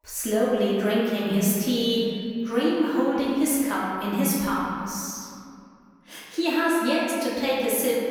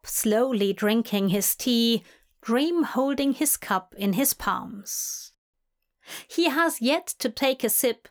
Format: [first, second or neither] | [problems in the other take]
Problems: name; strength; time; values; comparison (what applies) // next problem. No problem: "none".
second | off-mic speech; far // room echo; strong; dies away in 2.2 s